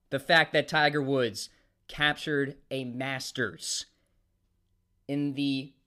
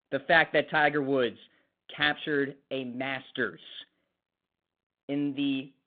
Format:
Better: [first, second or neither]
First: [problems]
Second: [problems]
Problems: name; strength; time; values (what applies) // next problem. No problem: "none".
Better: first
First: none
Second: phone-call audio; nothing above 3.5 kHz